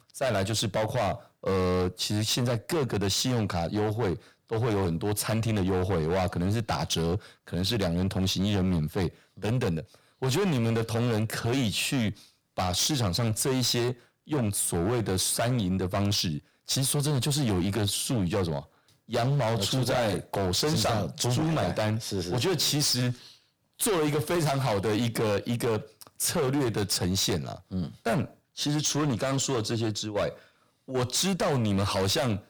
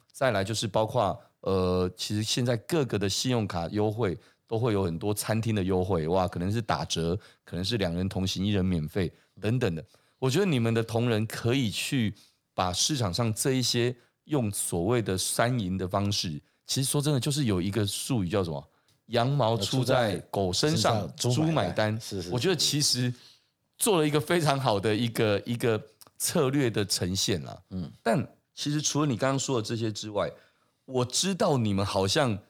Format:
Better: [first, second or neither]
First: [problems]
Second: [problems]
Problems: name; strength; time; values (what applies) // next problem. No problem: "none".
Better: second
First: distortion; heavy; 19% of the sound clipped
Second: none